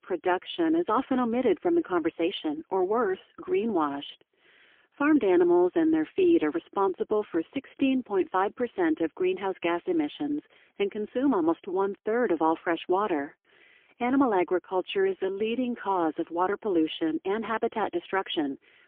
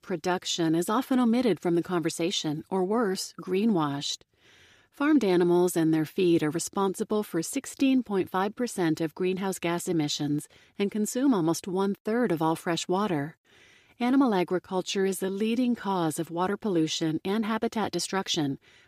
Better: second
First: phone-call audio; poor line; nothing above 3.5 kHz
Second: none

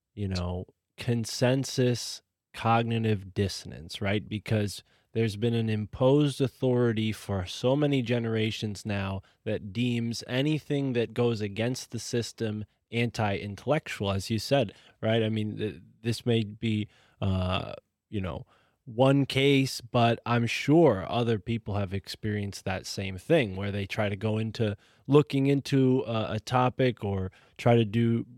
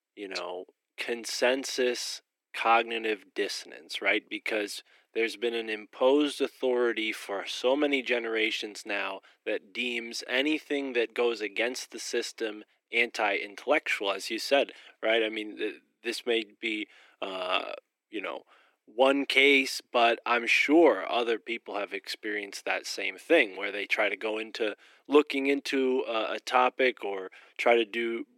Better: first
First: none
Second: thin; somewhat; fading below 300 Hz

